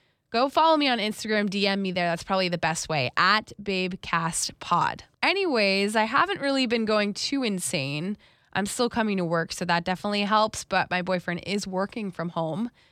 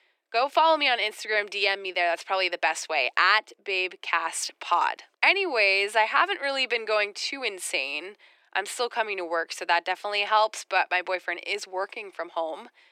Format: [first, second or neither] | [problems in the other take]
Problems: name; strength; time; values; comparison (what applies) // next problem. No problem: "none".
first | thin; very; fading below 350 Hz